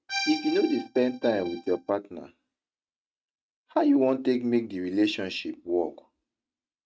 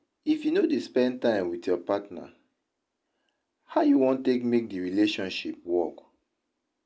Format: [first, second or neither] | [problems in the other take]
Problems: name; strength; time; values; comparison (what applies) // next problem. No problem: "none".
second | noise reduction (neural mask model RNNoise)